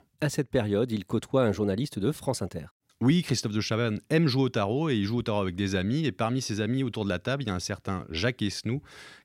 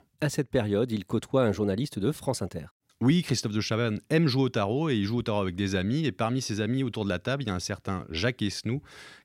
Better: neither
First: none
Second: none

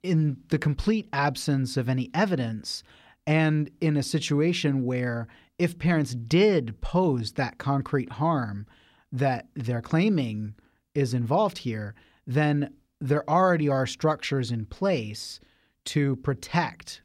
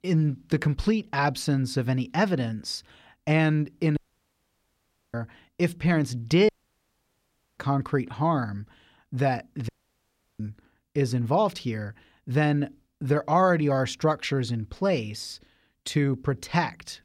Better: first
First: none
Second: audio cutting out; at 4 s for 1 s, at 6.5 s for 1 s and at 9.5 s for 0.5 s

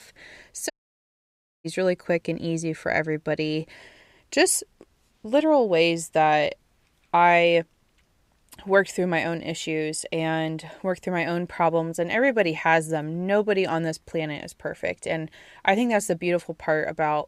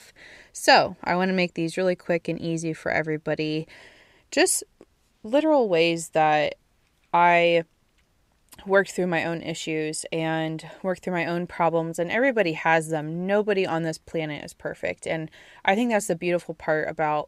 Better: second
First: audio cutting out; at 0.5 s for 1 s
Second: none

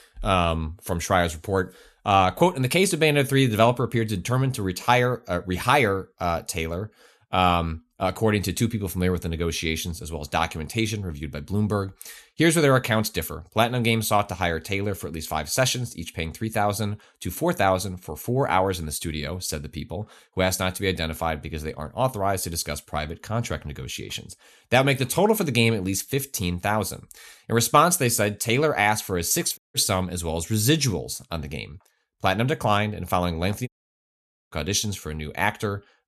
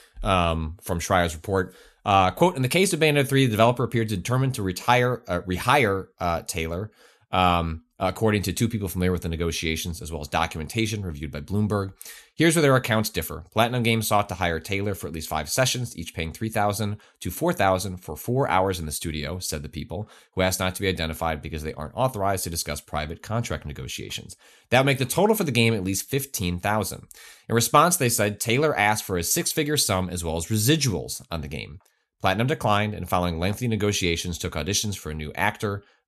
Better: second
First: audio cutting out; at 30 s and at 34 s for 1 s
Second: none

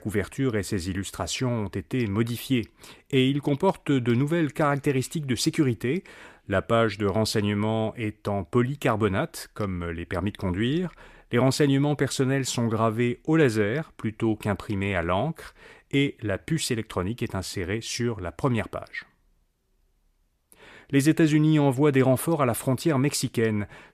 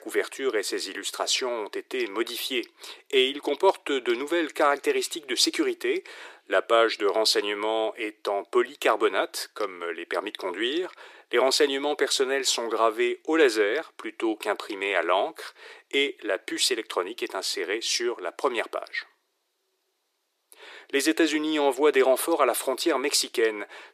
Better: first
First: none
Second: thin; very; fading below 350 Hz

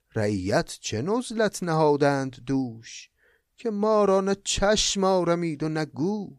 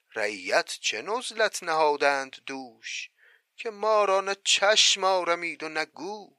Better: first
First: none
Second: thin; very; fading below 650 Hz

